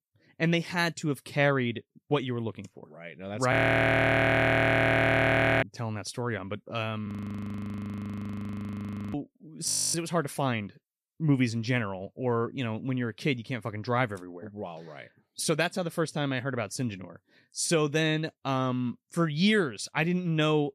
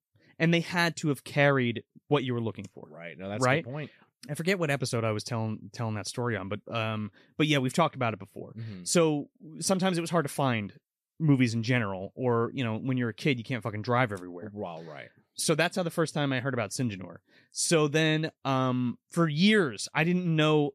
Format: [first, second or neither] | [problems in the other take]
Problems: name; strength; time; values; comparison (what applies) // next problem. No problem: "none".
second | audio freezing; at 3.5 s for 2 s, at 7 s for 2 s and at 9.5 s